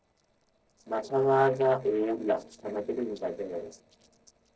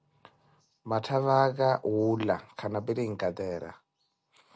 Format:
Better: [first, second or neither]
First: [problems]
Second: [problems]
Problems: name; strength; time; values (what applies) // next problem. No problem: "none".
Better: second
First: noise reduction (neural separator model SepFormer DNS4)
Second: none